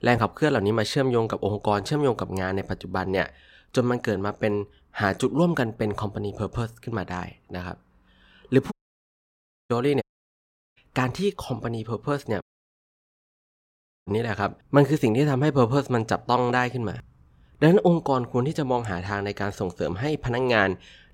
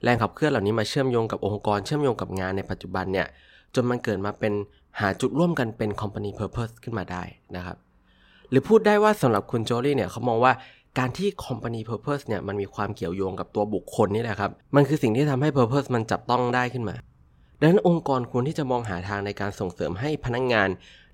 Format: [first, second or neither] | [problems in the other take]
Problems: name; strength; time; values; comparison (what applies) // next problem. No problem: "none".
second | audio cutting out; at 8.5 s for 1 s, at 10 s for 0.5 s and at 12 s for 1.5 s